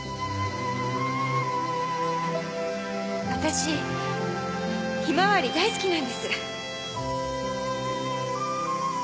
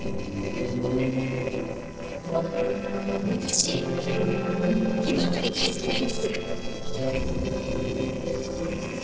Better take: first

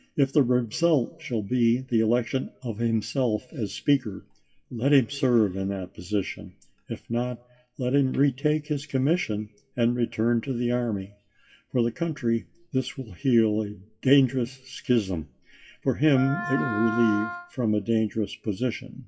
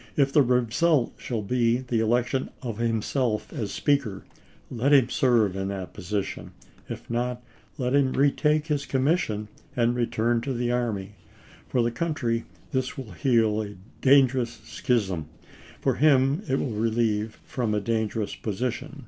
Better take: second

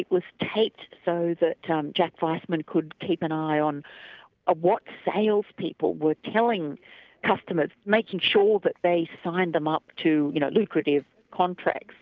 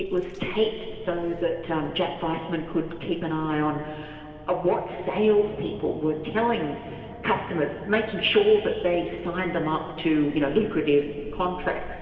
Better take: first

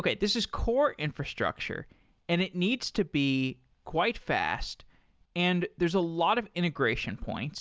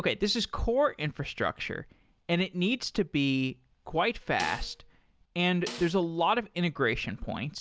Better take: first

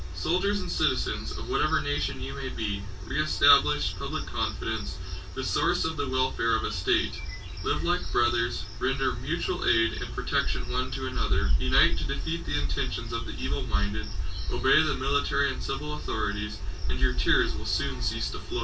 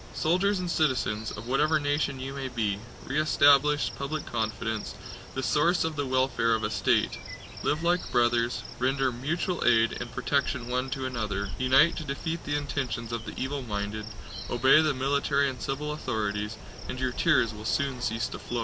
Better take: second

